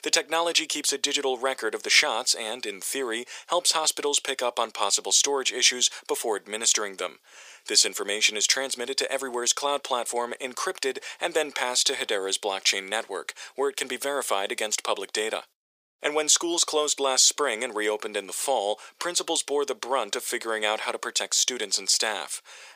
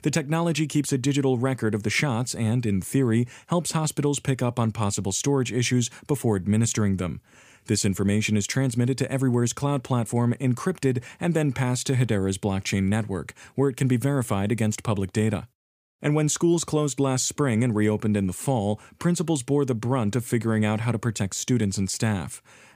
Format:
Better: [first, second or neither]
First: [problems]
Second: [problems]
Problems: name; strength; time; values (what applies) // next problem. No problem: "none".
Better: second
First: thin; very; fading below 450 Hz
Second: none